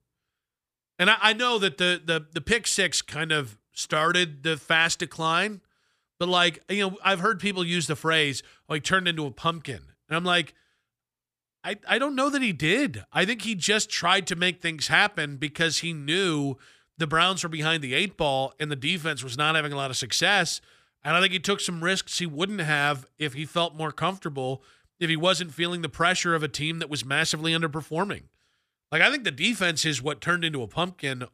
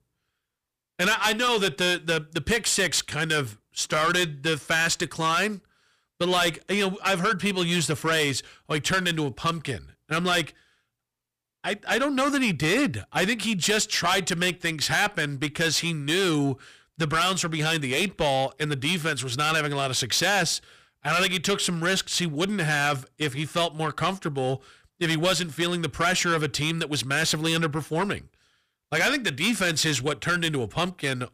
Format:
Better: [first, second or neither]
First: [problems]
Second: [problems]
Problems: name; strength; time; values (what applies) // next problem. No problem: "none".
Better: first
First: none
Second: distortion; heavy; 7 dB below the speech